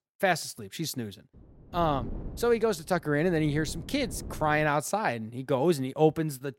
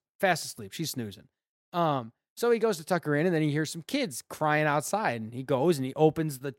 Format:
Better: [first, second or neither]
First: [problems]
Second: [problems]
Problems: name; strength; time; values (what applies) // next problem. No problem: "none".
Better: second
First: wind noise on the microphone; occasional gusts; from 1.5 to 4.5 s; 20 dB below the speech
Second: none